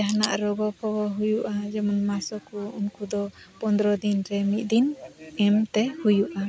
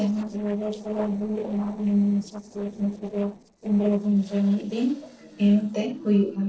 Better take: first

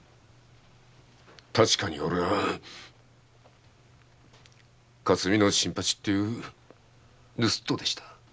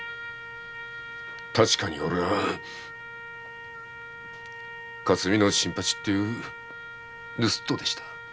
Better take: first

